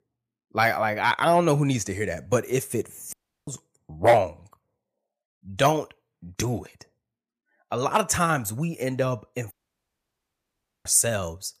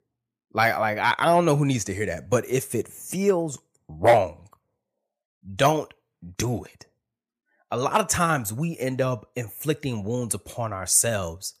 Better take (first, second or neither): second